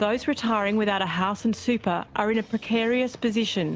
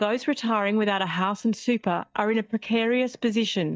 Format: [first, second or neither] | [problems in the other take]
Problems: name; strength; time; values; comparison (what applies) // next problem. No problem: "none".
first | noise reduction (neural mask model DeepFilterNet 3)